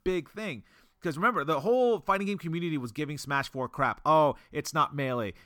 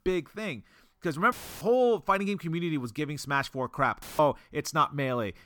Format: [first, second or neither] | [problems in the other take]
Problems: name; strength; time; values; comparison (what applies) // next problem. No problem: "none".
first | audio cutting out; filled with static; at 1.5 s and at 4 s